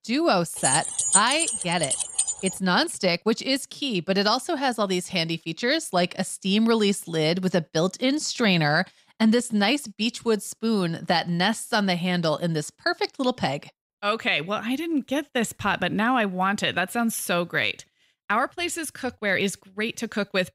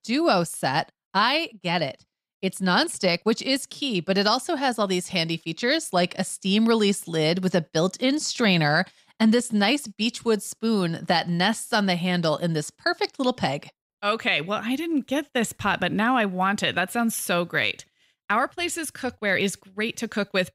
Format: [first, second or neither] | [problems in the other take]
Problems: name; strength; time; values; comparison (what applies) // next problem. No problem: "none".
second | jangling keys; loud; from 0.5 to 2.5 s; peak 5 dB above the speech